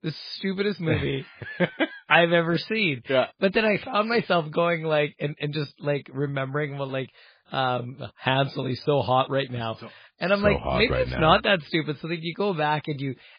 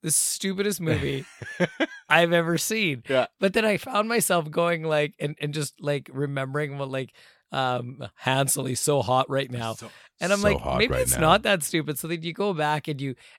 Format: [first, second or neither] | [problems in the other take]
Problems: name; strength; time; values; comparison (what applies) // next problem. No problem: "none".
second | garbled, watery; badly